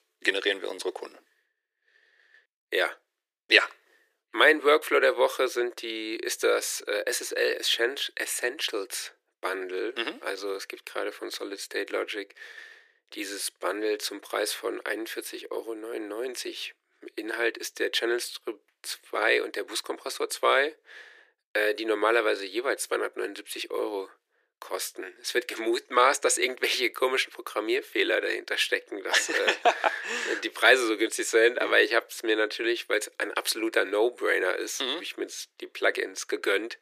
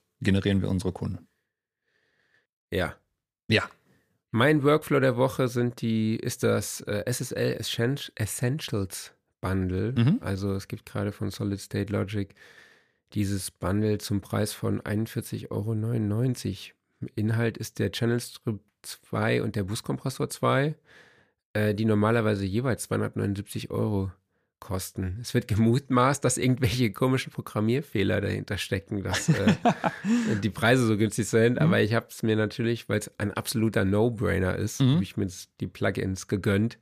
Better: second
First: thin; very; fading below 350 Hz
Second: none

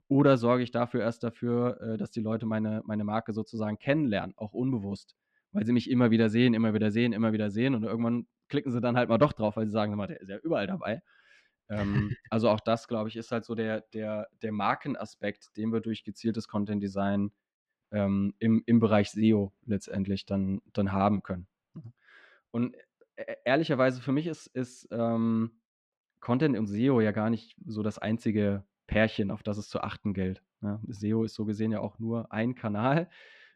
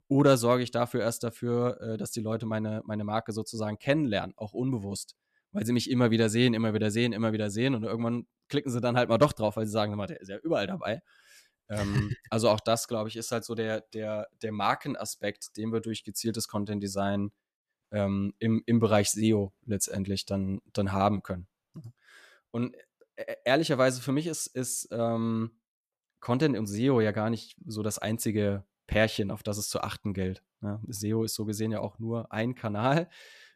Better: second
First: muffled; slightly; fading above 2.5 kHz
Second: none

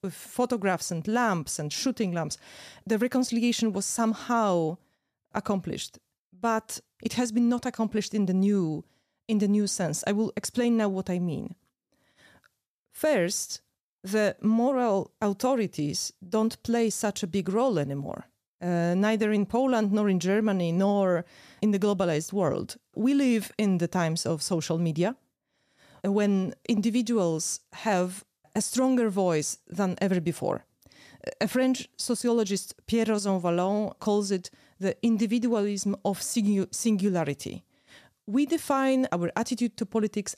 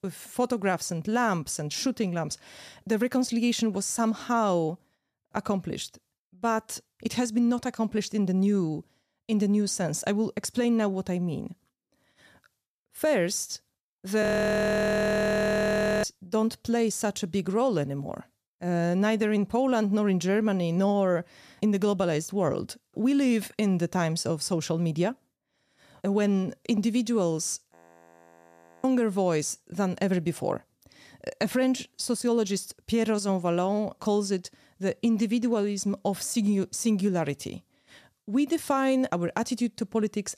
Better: first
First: none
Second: audio freezing; at 14 s for 2 s and at 28 s for 1 s

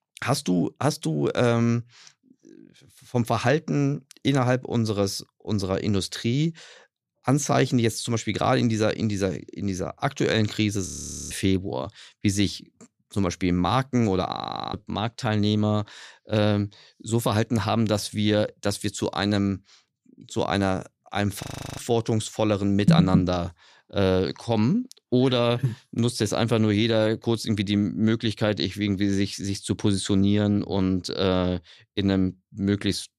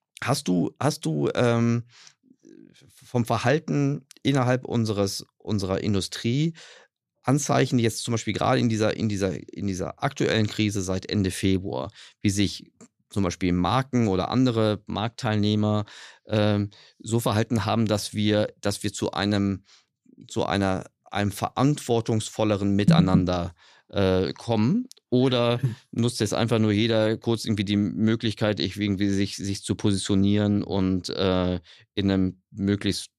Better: second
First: audio freezing; at 11 s, at 14 s and at 21 s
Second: none

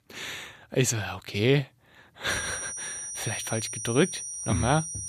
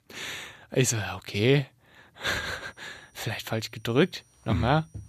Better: second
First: high-pitched whine; loud; from 2.5 s on; 6 kHz, 5 dB below the speech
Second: high-pitched whine; faint; from 2.5 s on; 6 kHz, 35 dB below the speech

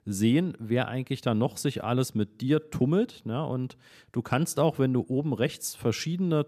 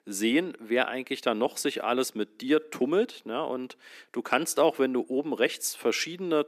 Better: first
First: none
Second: thin; somewhat; fading below 300 Hz

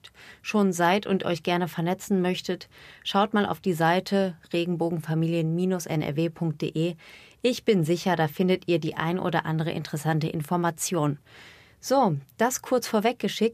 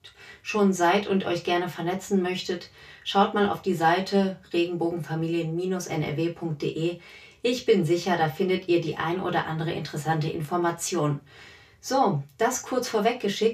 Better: first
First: none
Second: room echo; very slight; dies away in 0.3 s // off-mic speech; far

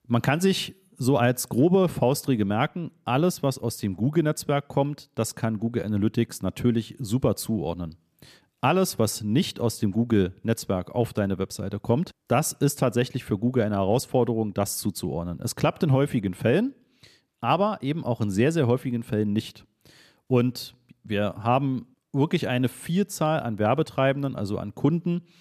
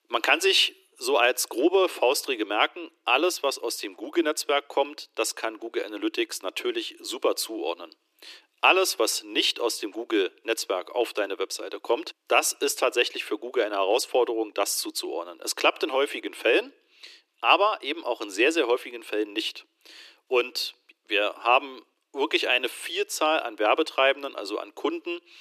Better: first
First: none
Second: thin; very; fading below 300 Hz

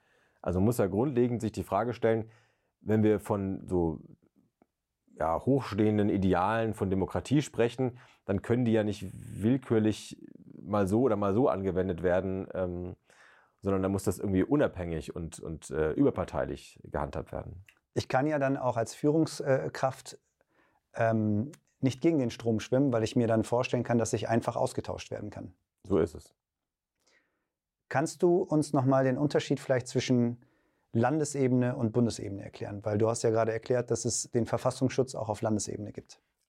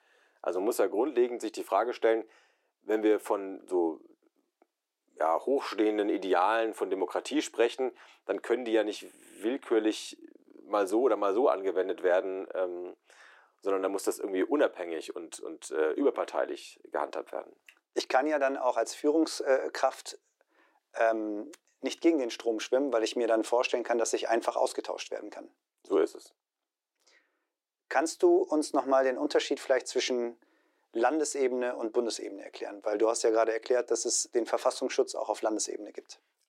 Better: first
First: none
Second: thin; somewhat; fading below 300 Hz

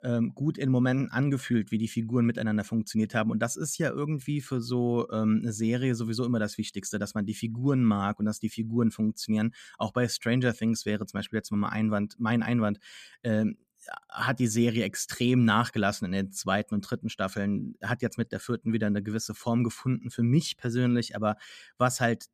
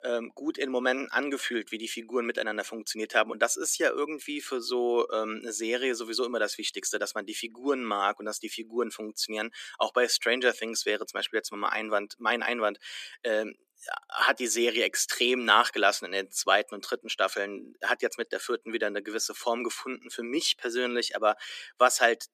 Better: first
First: none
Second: thin; very; fading below 350 Hz

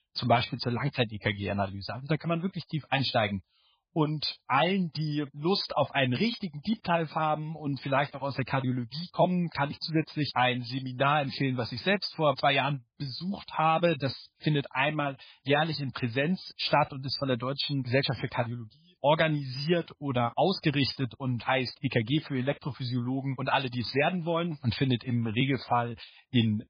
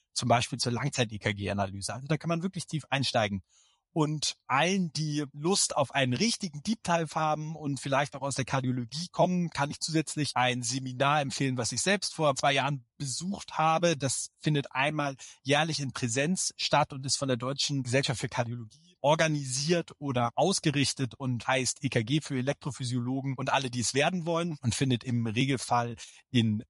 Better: second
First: garbled, watery; badly; nothing above 5 kHz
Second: garbled, watery; slightly; nothing above 11 kHz

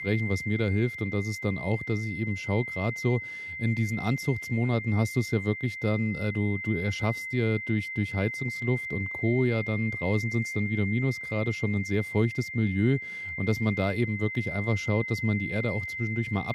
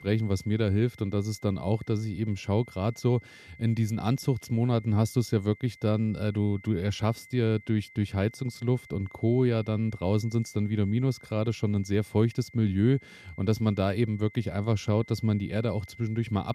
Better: second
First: high-pitched whine; loud; throughout; 2 kHz, 5 dB below the speech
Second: high-pitched whine; faint; throughout; 2 kHz, 20 dB below the speech

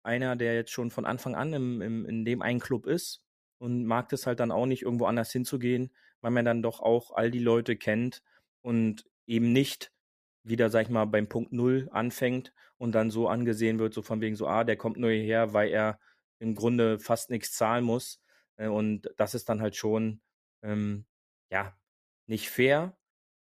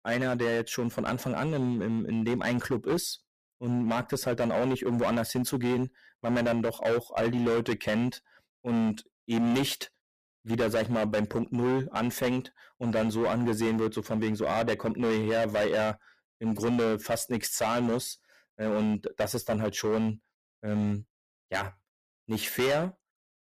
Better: first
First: none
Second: distortion; heavy; 13% of the sound clipped

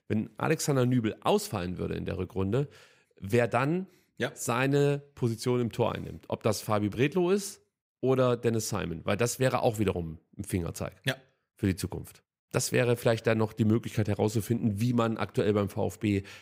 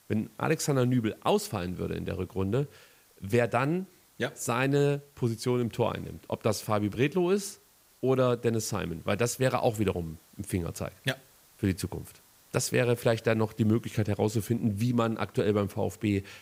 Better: first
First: none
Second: hiss; faint; throughout; 30 dB below the speech

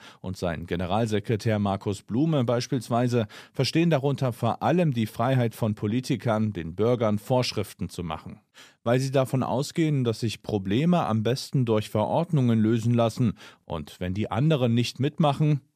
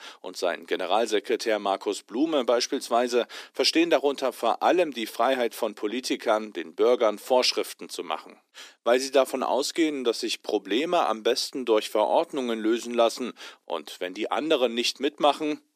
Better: first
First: none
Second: thin; very; fading below 300 Hz

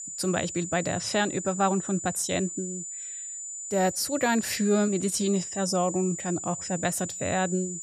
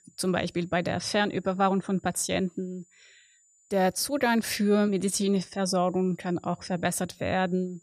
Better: second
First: high-pitched whine; loud; throughout; 7 kHz, 7 dB below the speech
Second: high-pitched whine; faint; throughout; 7 kHz, 35 dB below the speech

